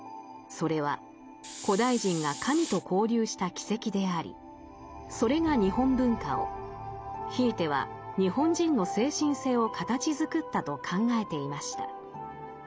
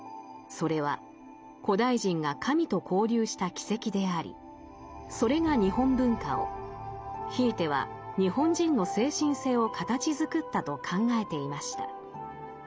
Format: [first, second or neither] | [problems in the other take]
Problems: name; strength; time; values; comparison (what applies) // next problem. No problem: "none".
second | background sound (Hiss); 11 dB below the speech